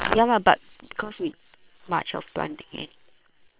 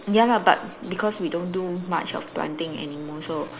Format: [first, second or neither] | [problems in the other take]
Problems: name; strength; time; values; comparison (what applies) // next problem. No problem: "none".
second | noise reduction (neural separator model SepFormer WHAM!)